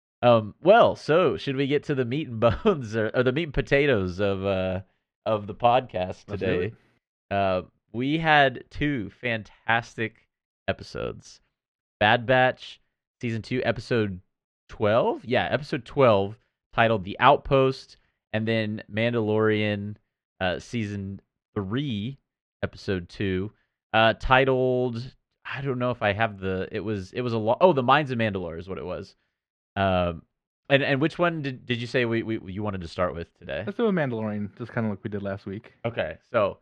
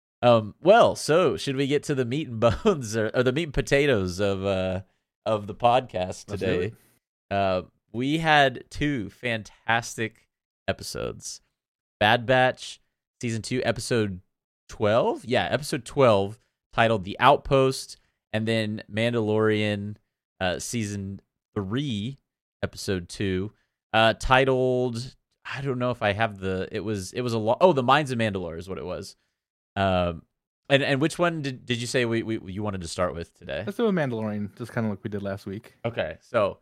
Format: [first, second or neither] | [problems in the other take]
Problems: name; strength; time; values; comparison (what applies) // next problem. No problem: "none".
second | muffled; slightly; fading above 3 kHz